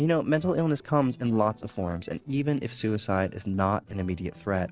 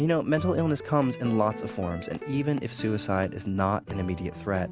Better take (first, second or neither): second